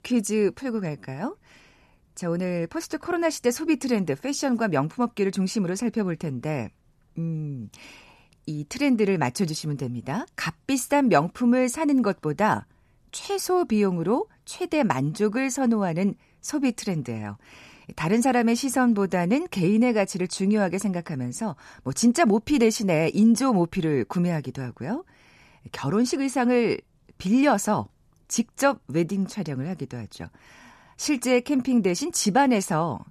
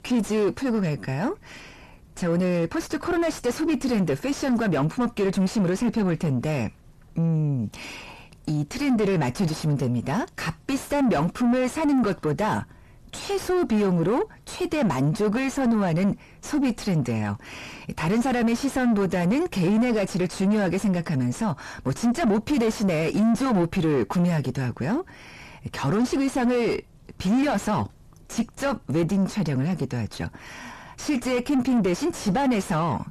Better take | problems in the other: first | distortion; heavy; 4 dB below the speech

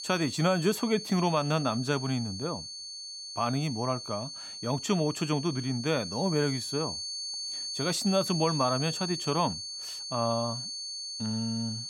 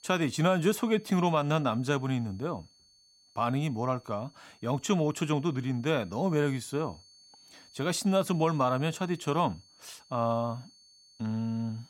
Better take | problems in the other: second | high-pitched whine; loud; throughout; 4.5 kHz, 6 dB below the speech; faint in the second

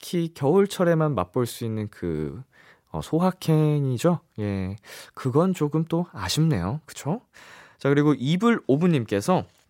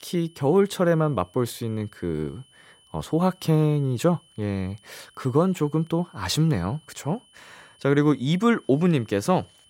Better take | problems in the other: first | high-pitched whine; faint; throughout; 3 kHz, 30 dB below the speech

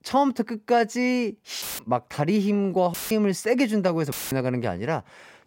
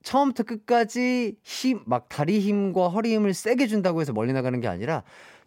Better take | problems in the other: second | audio cutting out; filled with static; at 1.5 s, at 3 s and at 4 s

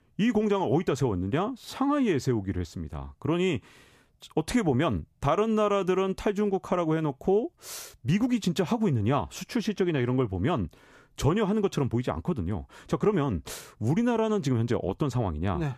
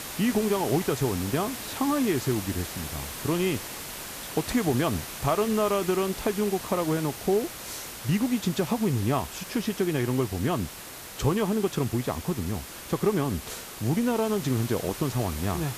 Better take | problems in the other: first | hiss; loud; throughout; 9 dB below the speech

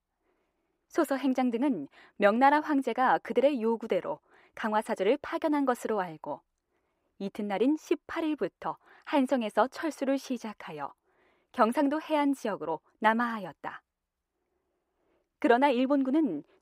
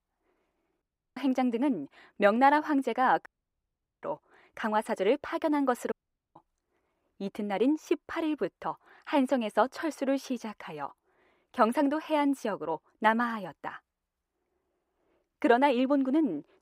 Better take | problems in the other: first | audio cutting out; at 1 s, at 3.5 s for 1 s and at 6 s

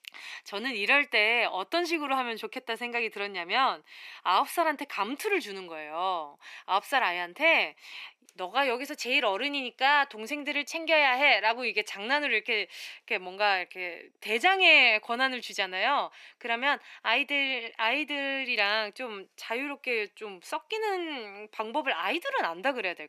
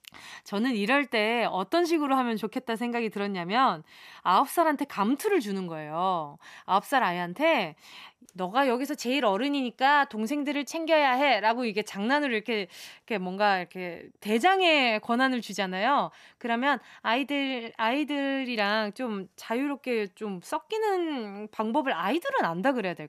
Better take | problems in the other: second | thin; somewhat; fading below 350 Hz

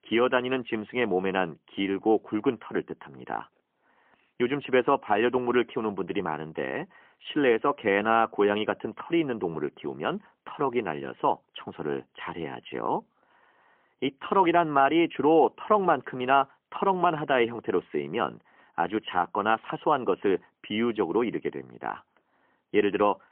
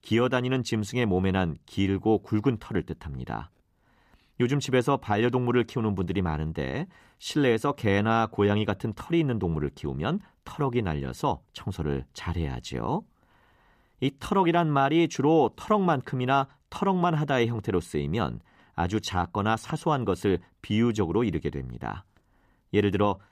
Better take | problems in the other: second | phone-call audio; poor line; nothing above 3 kHz

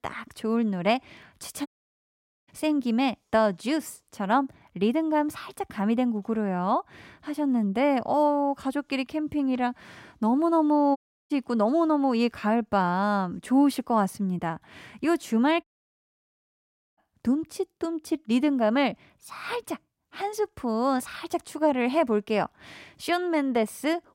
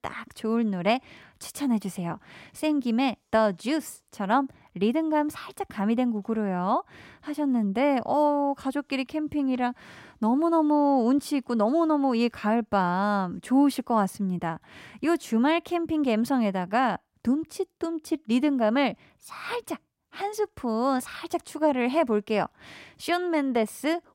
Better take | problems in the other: second | audio cutting out; at 1.5 s for 1 s, at 11 s and at 16 s for 1.5 s

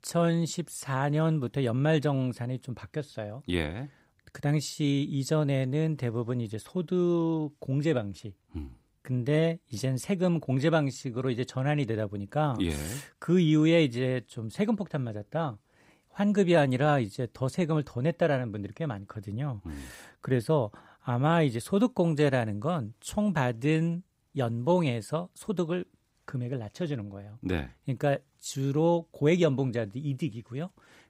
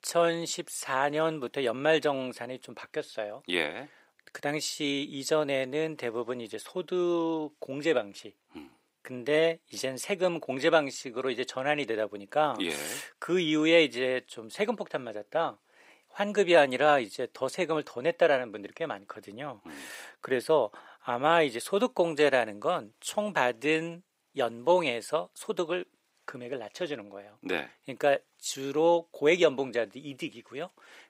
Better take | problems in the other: first | thin; somewhat; fading below 450 Hz

